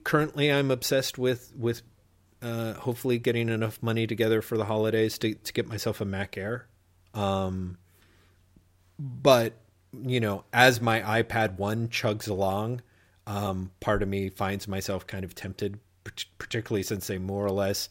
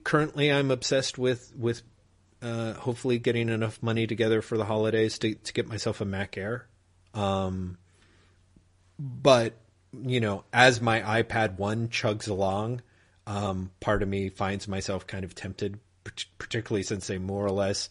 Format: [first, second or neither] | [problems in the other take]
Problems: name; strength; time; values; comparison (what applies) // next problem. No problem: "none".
first | garbled, watery; slightly; nothing above 10.5 kHz